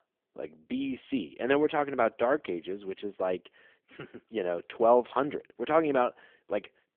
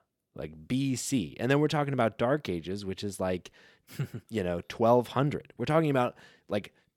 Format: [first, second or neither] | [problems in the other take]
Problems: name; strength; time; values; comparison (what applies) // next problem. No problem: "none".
second | phone-call audio; poor line; nothing above 3.5 kHz